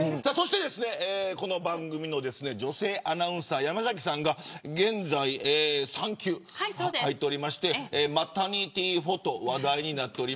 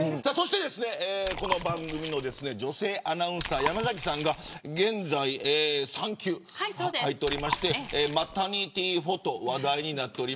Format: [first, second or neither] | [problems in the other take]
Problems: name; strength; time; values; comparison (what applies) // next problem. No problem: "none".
first | background sound (Chewing, mastication); 7 dB below the speech